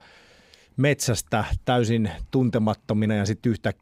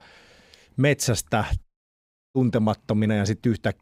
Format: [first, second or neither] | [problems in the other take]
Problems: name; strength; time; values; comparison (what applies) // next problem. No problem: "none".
first | audio cutting out; at 1.5 s for 0.5 s